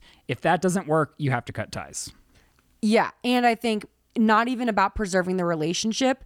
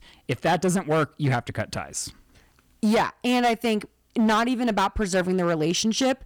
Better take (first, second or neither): first